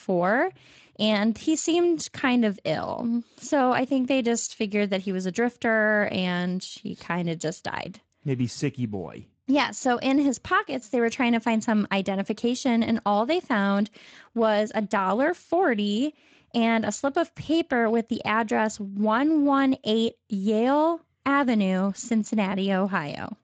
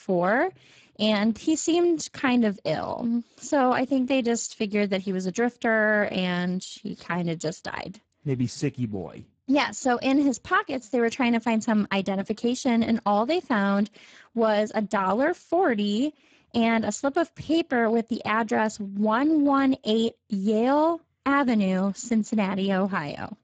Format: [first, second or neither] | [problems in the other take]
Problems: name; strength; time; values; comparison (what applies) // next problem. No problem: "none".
first | garbled, watery; badly; nothing above 7.5 kHz; slightly in the first